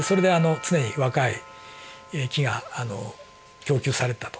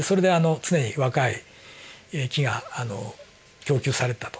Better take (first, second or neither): second